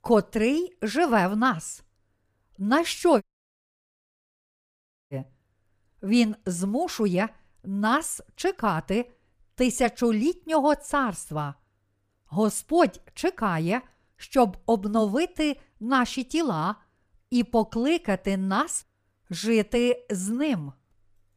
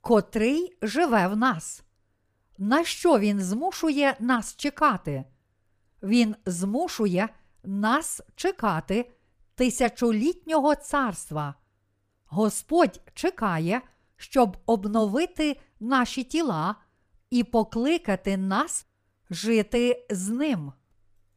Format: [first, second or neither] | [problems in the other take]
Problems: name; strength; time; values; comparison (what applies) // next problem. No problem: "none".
second | audio cutting out; at 3 s for 2 s